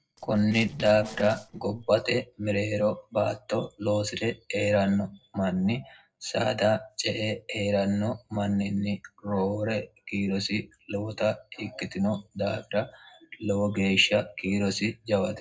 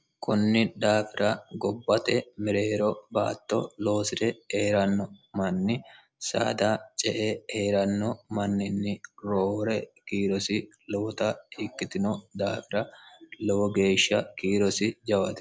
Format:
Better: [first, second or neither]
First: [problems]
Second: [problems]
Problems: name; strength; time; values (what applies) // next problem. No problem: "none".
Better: second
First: noise reduction (neural separator model SepFormer DNS4)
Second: none